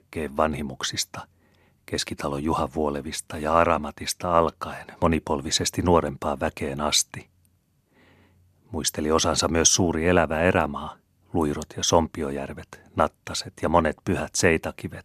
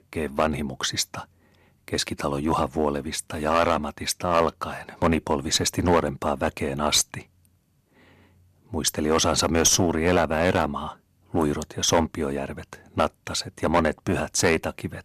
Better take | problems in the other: first | distortion; slight; 3% of the sound clipped

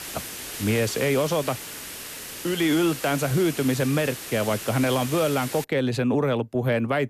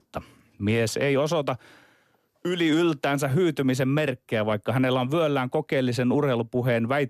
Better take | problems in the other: second | hiss; loud; until 5.5 s; 10 dB below the speech

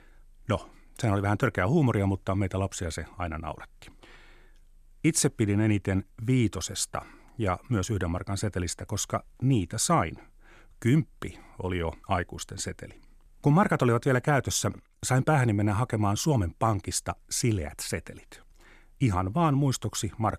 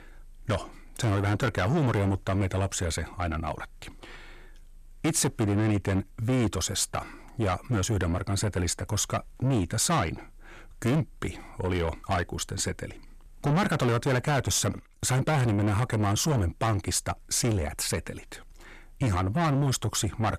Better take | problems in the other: first | distortion; heavy; 7 dB below the speech

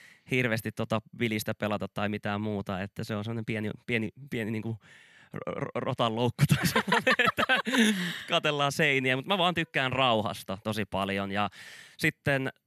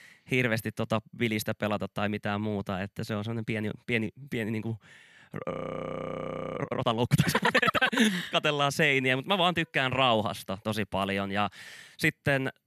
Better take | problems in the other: first | audio freezing; at 5.5 s for 1 s

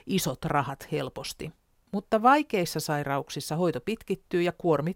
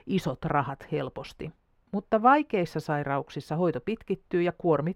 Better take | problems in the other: first | muffled; slightly; fading above 4 kHz

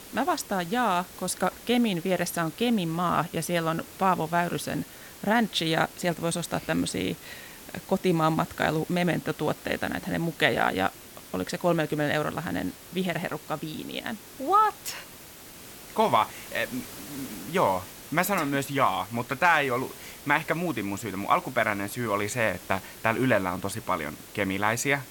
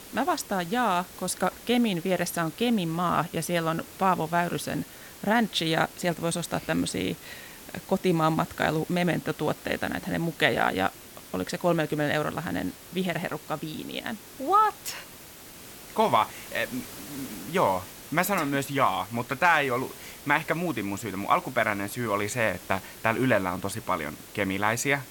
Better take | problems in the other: neither | hiss; noticeable; throughout; 15 dB below the speech; the same in both

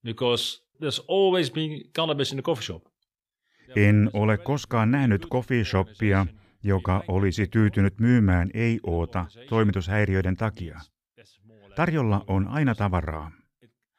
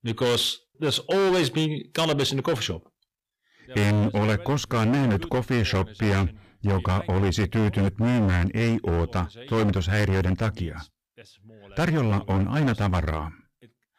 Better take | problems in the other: first | distortion; heavy; 20% of the sound clipped

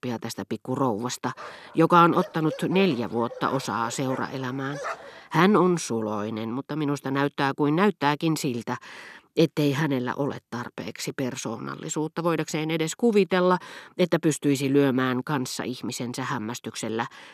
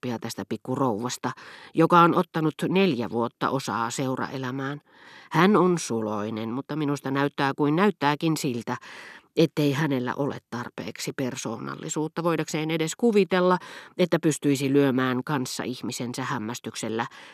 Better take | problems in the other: second | dog barking; noticeable; from 1.5 to 5 s; peak 9 dB below the speech

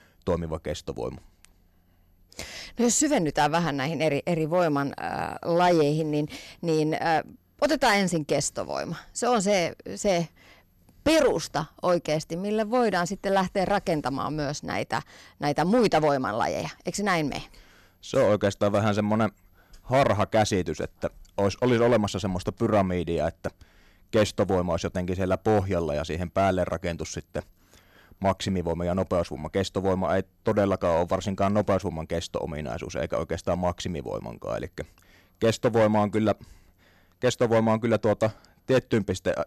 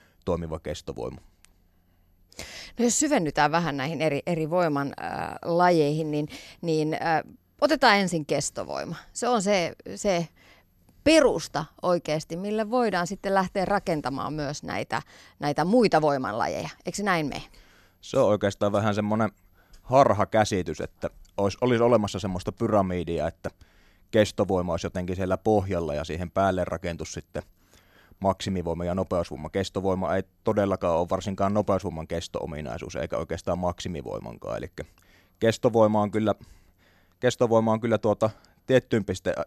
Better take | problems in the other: second | distortion; slight; 3% of the sound clipped

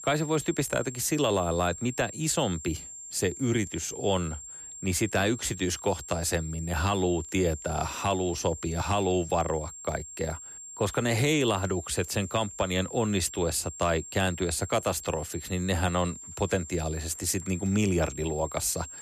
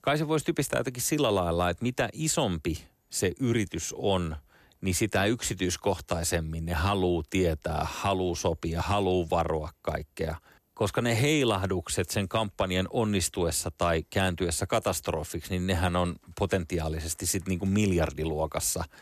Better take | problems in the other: second | high-pitched whine; noticeable; throughout; 7.5 kHz, 10 dB below the speech

